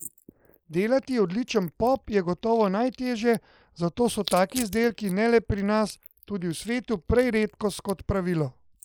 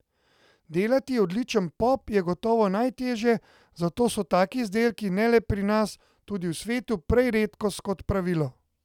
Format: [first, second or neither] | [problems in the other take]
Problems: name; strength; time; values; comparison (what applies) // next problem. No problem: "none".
second | noise reduction (neural mask model Resemble Enhance denoiser)